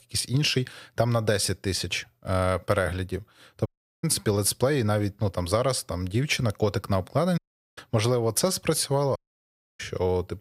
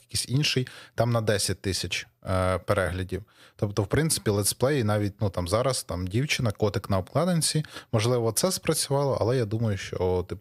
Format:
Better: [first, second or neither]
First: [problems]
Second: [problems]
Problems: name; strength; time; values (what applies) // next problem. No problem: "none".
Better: second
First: audio cutting out; at 3.5 s, at 7.5 s and at 9 s for 0.5 s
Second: none